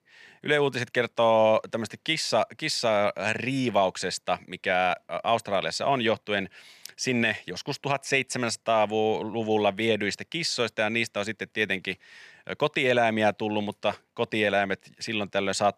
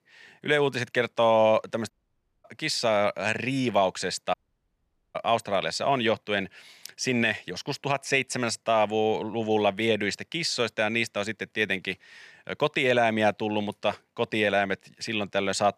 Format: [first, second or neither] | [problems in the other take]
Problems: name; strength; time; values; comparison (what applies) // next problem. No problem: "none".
first | audio cutting out; at 2 s for 0.5 s and at 4.5 s for 1 s